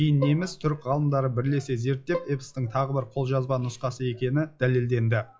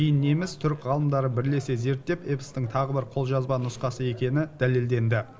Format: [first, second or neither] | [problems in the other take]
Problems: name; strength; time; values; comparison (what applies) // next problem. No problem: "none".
second | noise reduction (classical method log-MMSE)